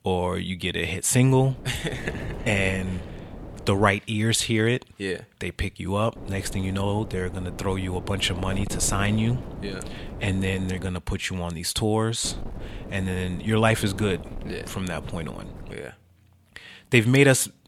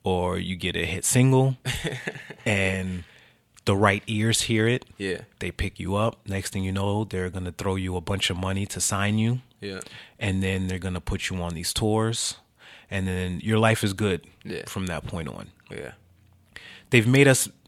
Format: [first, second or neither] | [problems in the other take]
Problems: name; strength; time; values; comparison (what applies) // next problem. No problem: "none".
second | wind noise on the microphone; occasional gusts; from 1.5 to 4 s, from 6 to 11 s and from 12 to 16 s; 15 dB below the speech